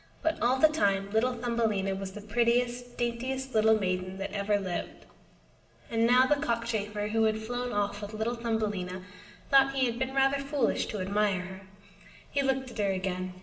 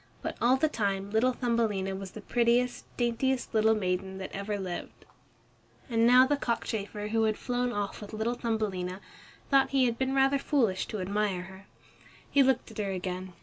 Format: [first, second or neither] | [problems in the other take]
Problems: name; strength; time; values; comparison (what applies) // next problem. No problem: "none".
second | room echo; dies away in 0.9 s